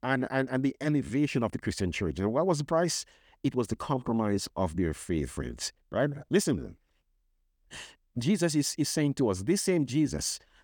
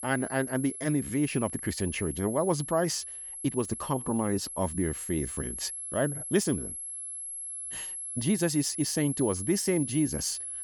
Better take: first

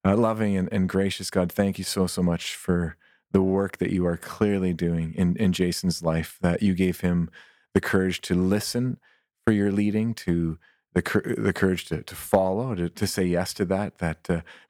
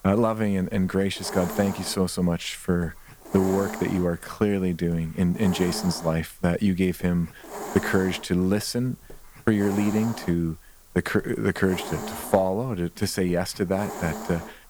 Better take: first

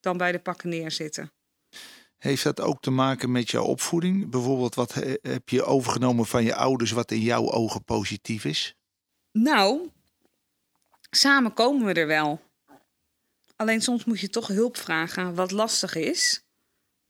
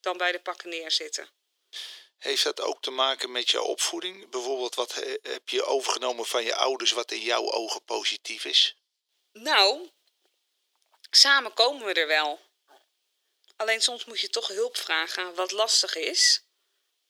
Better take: first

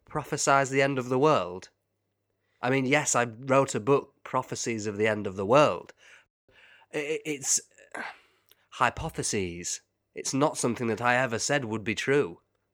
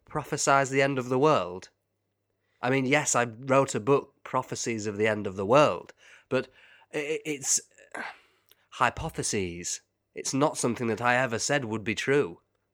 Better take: second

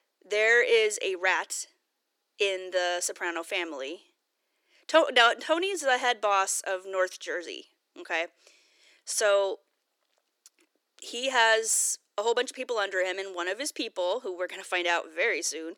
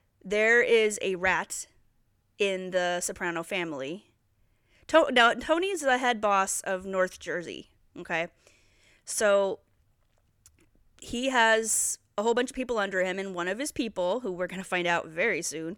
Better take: second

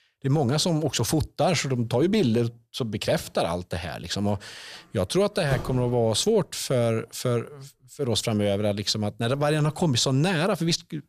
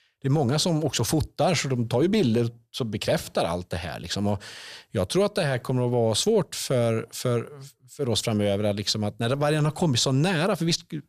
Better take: second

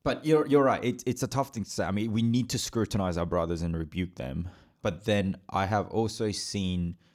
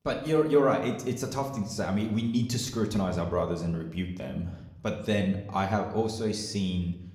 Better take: first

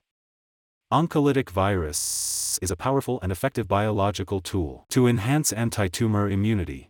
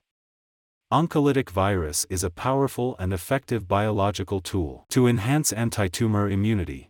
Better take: second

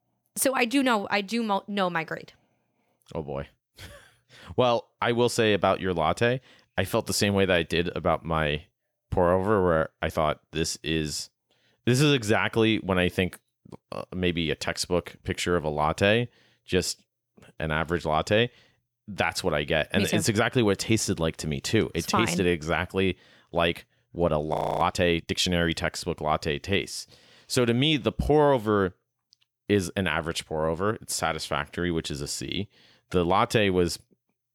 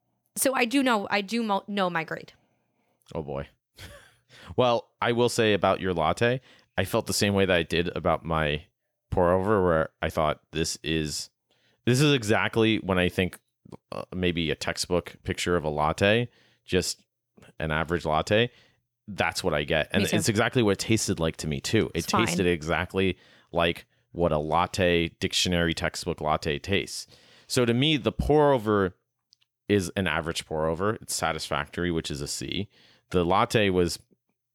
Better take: second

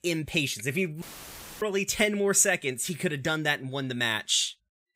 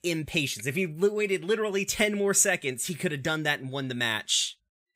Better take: second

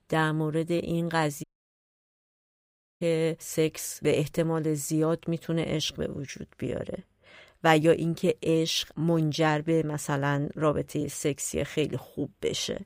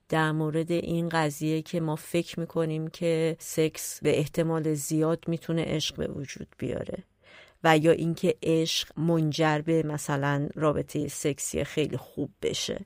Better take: second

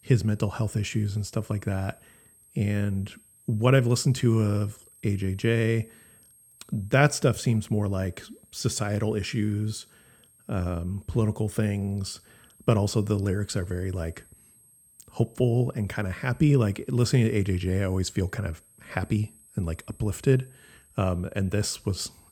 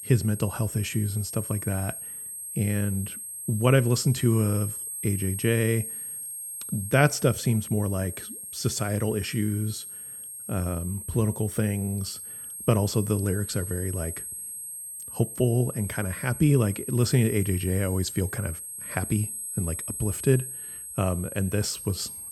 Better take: first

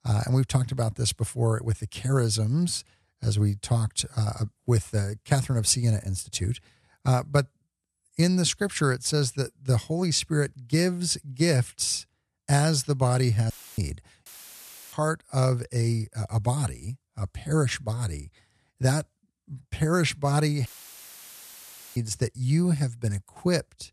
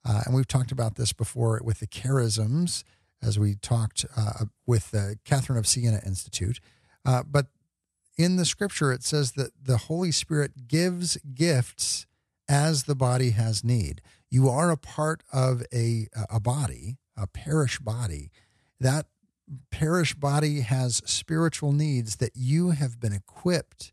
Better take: second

